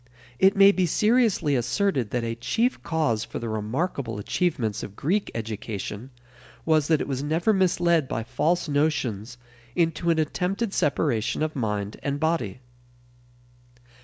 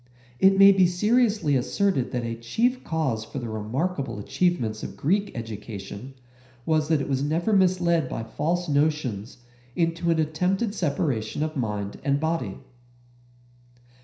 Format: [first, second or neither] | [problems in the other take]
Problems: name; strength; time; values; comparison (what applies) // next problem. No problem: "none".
first | room echo; dies away in 0.5 s